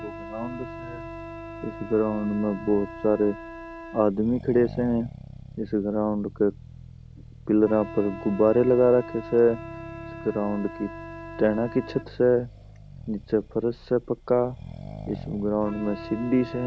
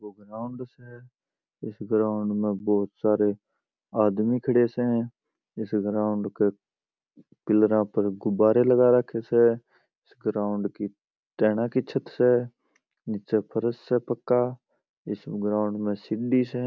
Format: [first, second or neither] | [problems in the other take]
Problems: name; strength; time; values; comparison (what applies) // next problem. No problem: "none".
second | background sound (Wind instrument, woodwind instrument + Accelerating, revving, vroom); 13 dB below the speech